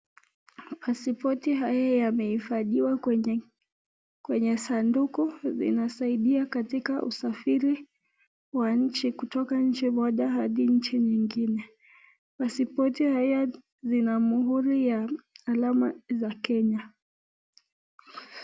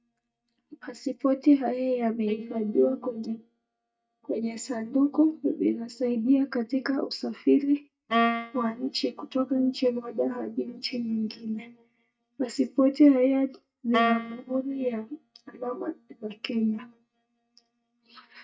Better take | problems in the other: first | noise reduction (neural mask model DeepFilterNet 3)

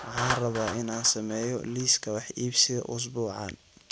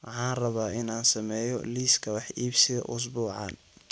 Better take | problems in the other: second | background sound (Clapping); 10 dB below the speech

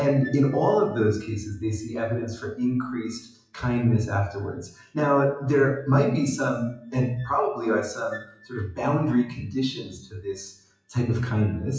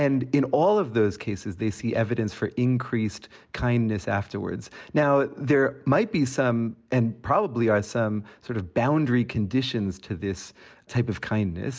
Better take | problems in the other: second | noise reduction (classical method WPE with log-MMSE)

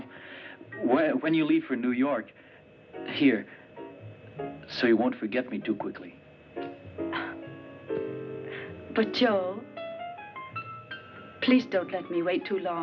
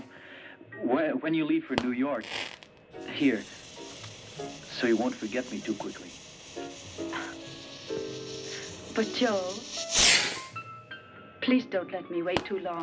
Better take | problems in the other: first | background sound (Fireworks); 4 dB below the speech

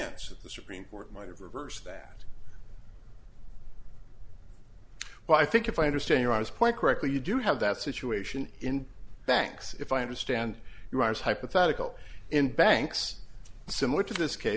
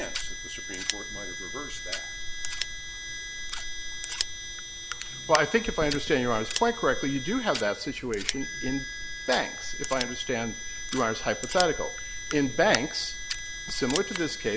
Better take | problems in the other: first | background sound (Harmonica + Scissors); 6 dB below the speech

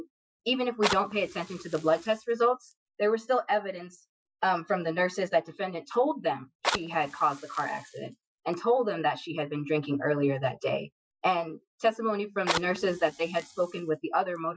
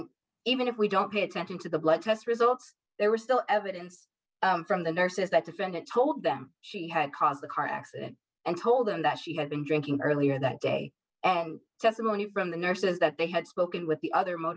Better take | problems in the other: second | noise reduction (classical method Wiener filter)

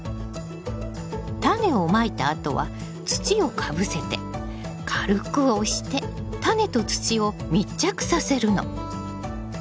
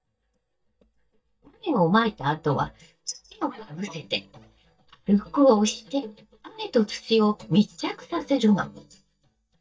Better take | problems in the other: first | noise reduction (neural mask model DeepFilterNet 3)

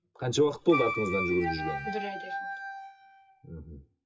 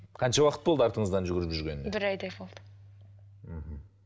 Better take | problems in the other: second | noise reduction (classical method WPE with log-MMSE)

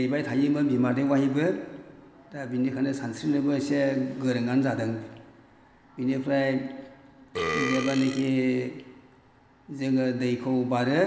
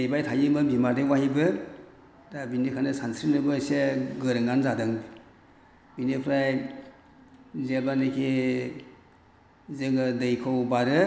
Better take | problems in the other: second | background sound (Burping, eructation); 6 dB below the speech // room echo; dies away in 1.8 s

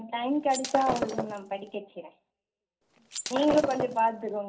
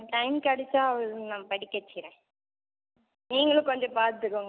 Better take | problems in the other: second | background sound (Shatter); 6 dB below the speech // room echo; dies away in 0.3 s

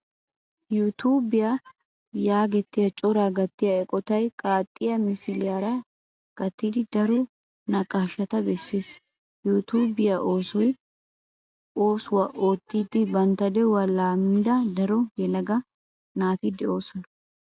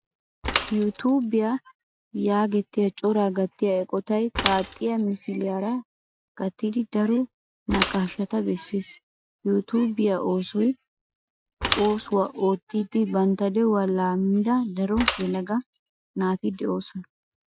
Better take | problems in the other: first | noise reduction (classical method Wiener filter)

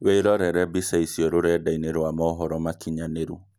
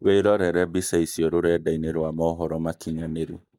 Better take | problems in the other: first | noise reduction (neural mask model DeepFilterNet 3)

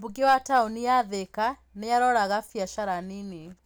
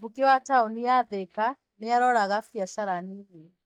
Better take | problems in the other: first | noise reduction (neural mask model DeepFilterNet 3)

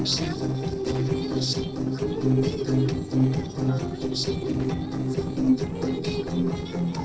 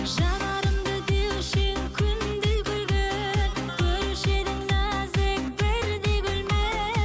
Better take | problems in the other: second | noise reduction (neural separator model SepFormer DNS4)

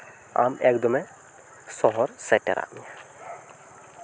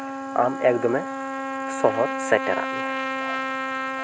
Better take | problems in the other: first | background sound (Trumpet); 3 dB below the speech

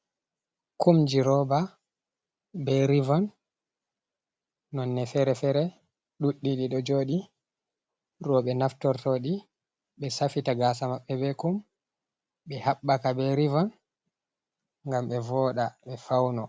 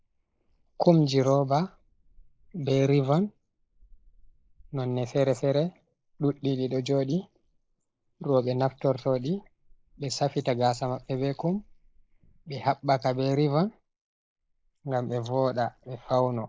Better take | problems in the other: first | noise reduction (neural mask model Resemble Enhance denoiser)

